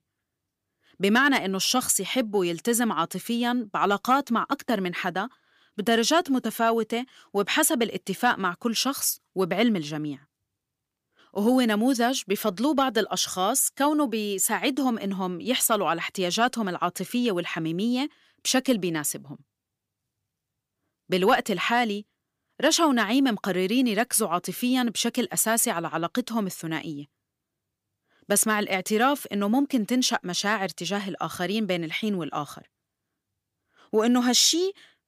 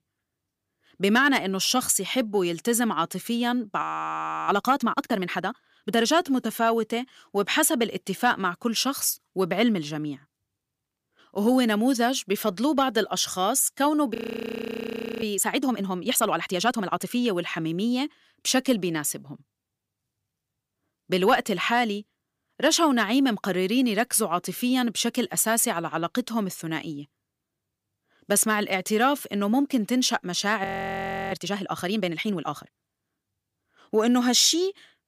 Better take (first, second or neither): first